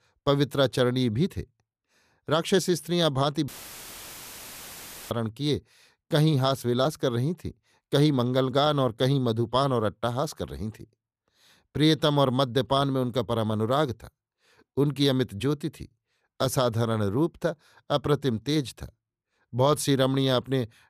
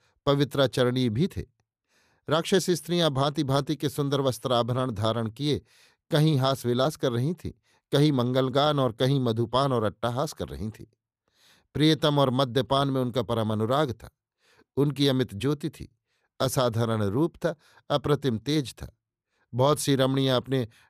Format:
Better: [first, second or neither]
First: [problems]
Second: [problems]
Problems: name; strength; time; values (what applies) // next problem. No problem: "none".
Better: second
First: audio cutting out; filled with static; at 3.5 s for 1.5 s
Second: none